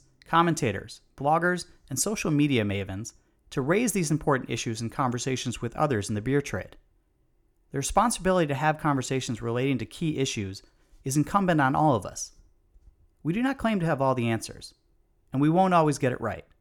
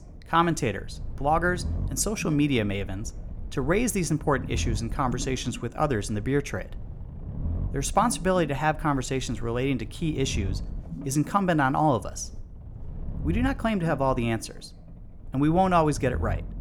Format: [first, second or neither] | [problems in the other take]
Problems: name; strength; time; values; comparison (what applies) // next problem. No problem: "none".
first | low rumble; faint; throughout; 20 dB below the speech